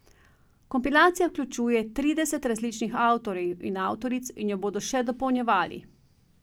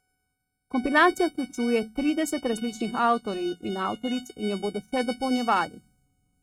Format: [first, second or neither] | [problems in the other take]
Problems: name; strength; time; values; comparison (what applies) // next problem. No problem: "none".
first | noise reduction (neural mask model RNNoise)